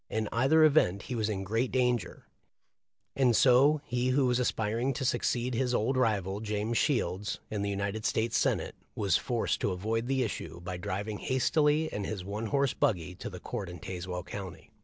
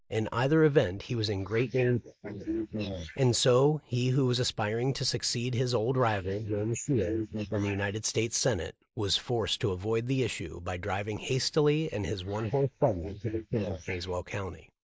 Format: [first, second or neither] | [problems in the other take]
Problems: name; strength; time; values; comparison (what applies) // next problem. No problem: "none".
first | noise reduction (neural mask model Resemble Enhance denoiser)